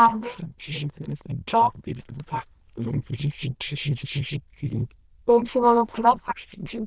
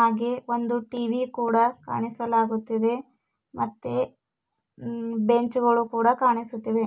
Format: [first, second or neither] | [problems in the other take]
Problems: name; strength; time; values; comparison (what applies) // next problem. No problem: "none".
second | noise reduction (neural diffusion model UNIVERSE++)